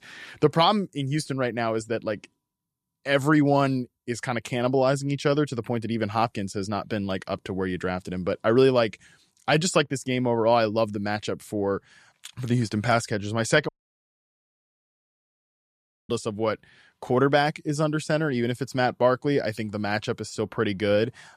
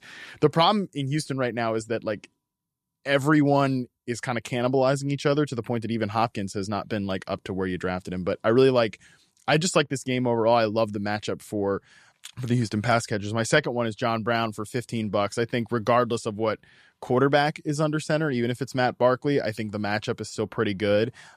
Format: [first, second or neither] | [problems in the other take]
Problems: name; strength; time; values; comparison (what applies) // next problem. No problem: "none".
second | audio cutting out; at 14 s for 2.5 s